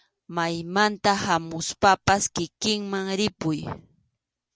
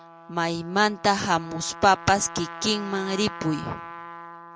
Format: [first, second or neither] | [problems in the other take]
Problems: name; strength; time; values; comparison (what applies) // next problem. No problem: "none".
first | background sound (Trumpet); 14 dB below the speech